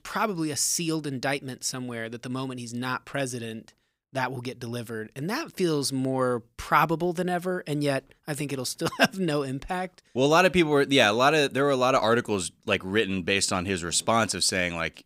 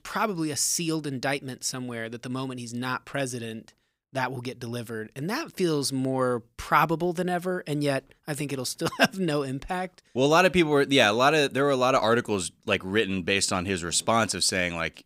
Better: neither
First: none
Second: none

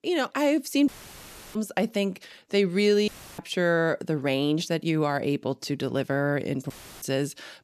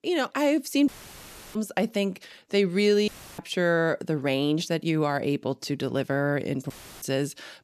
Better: neither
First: audio cutting out; filled with static; at 1 s for 0.5 s, at 3 s and at 6.5 s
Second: audio cutting out; filled with static; at 1 s for 0.5 s, at 3 s and at 6.5 s

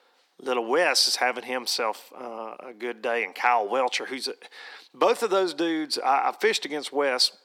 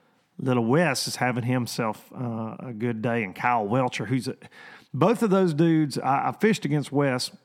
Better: second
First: thin; very; fading below 400 Hz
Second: none

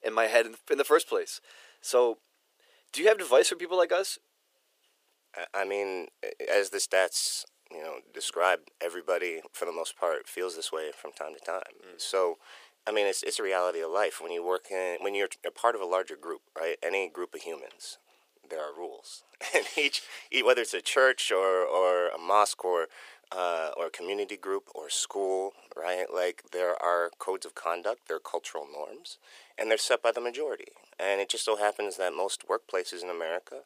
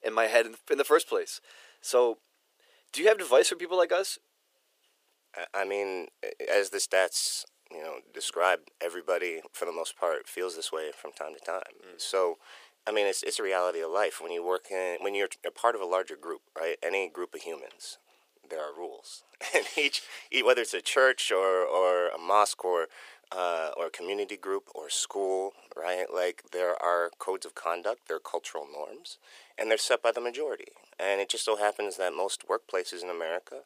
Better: neither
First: thin; very; fading below 400 Hz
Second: thin; very; fading below 400 Hz

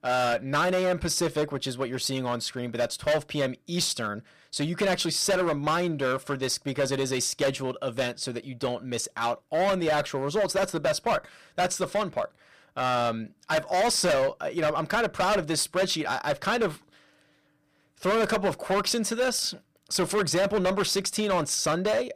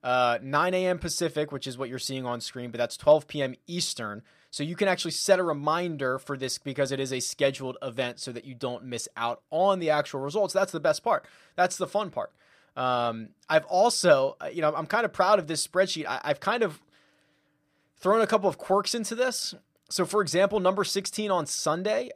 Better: second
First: distortion; heavy; 12% of the sound clipped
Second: none

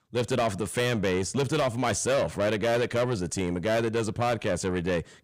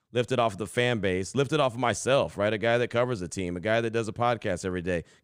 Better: second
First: distortion; heavy; 8 dB below the speech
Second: none

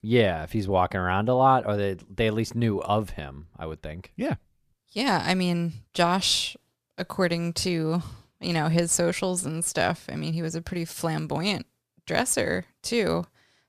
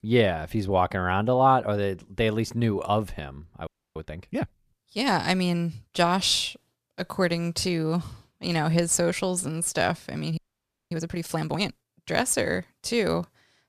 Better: first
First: none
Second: audio freezing; at 3.5 s and at 10 s for 0.5 s

